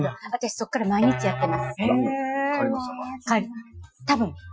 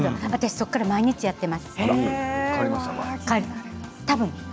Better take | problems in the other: second | noise reduction (classical method Wiener filter)

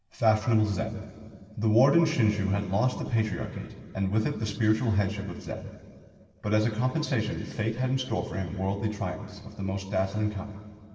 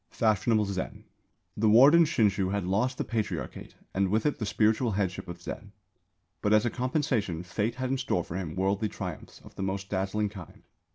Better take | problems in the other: second | room echo; dies away in 2.1 s

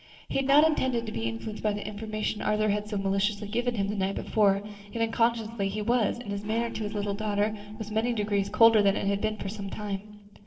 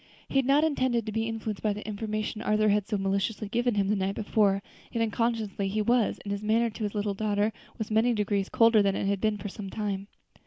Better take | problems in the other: second | noise reduction (neural separator model SepFormer DNS4)

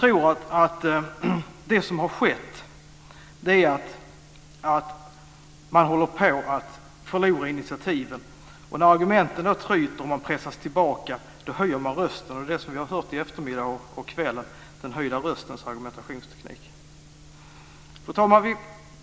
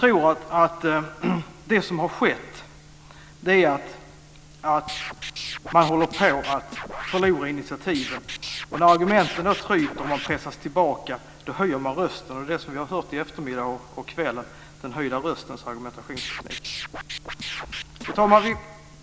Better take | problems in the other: first | background sound (Scratching (performance technique)); 10 dB below the speech

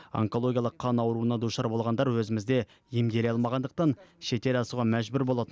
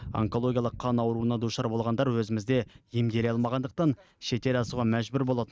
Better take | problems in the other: first | noise reduction (neural mask model RNNoise)

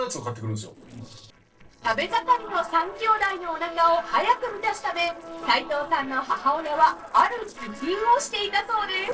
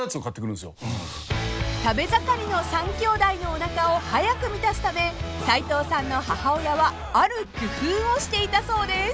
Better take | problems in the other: second | noise reduction (neural separator model SepFormer DNS4)

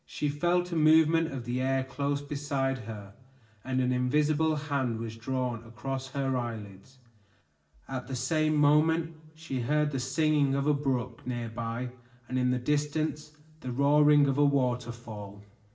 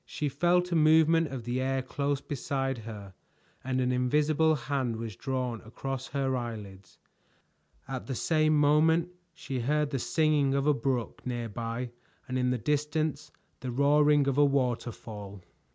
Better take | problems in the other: second | room echo; dies away in 0.6 s

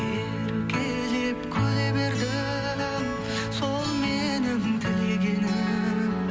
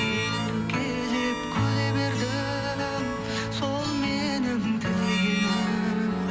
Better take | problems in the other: first | background sound (Harmonica); 10 dB below the speech

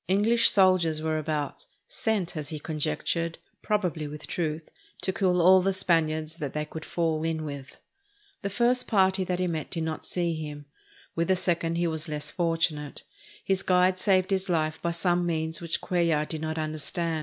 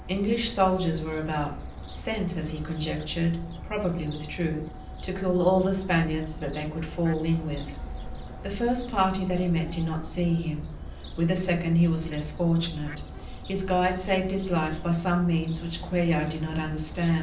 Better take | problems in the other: first | background sound (Fowl); 10 dB below the speech // room echo; dies away in 0.6 s

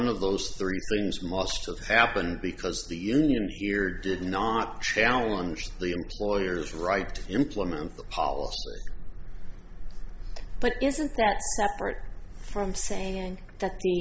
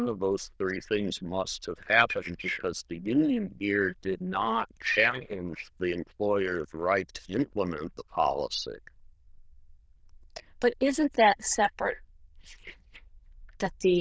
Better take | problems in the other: first | noise reduction (neural diffusion model UNIVERSE++)

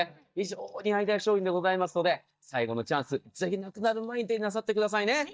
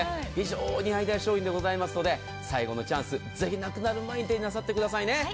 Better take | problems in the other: second | noise reduction (neural mask model DeepFilterNet 3)

